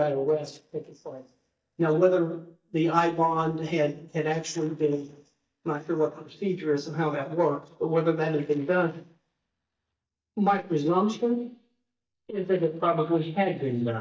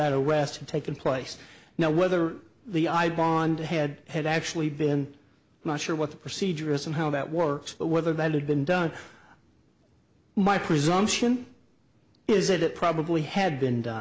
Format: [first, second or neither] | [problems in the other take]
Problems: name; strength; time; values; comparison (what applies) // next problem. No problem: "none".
second | noise reduction (neural mask model DeepFilterNet 3)